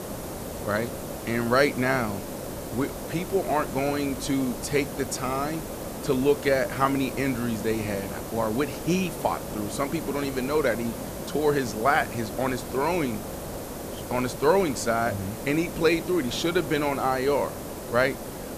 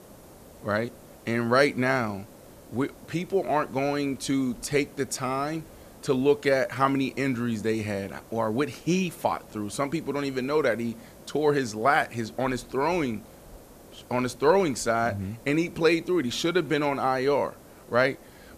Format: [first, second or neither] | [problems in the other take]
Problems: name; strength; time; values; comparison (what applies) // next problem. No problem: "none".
second | hiss; loud; throughout; 8 dB below the speech; faint in the second